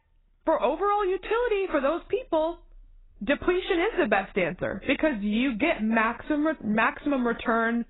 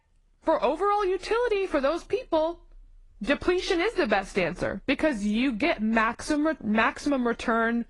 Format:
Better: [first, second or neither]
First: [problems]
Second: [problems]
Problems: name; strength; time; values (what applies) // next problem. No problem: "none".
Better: second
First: garbled, watery; badly; nothing above 4 kHz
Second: garbled, watery; slightly